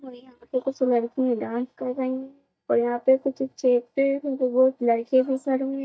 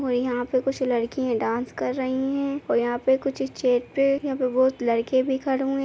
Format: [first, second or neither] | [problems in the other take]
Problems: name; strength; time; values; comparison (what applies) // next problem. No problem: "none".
second | noise reduction (neural mask model DeepFilterNet 3)